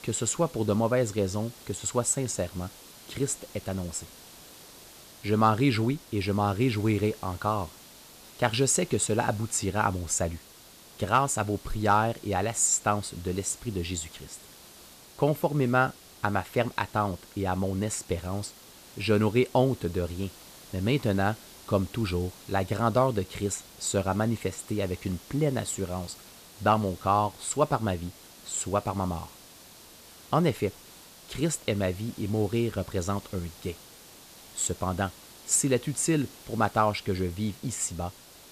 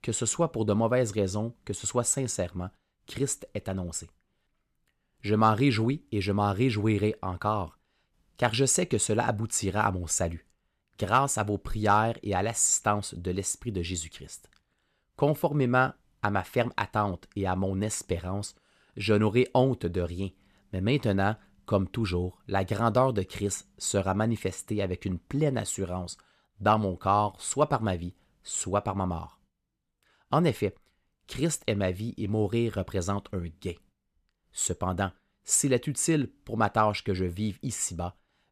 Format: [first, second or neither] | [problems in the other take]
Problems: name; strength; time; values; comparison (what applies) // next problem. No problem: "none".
second | hiss; noticeable; throughout; 20 dB below the speech